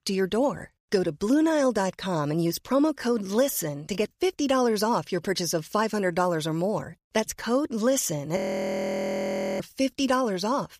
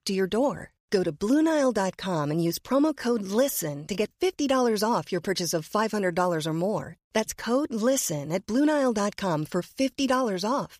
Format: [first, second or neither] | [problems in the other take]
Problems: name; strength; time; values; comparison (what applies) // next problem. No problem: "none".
second | audio freezing; at 8.5 s for 1 s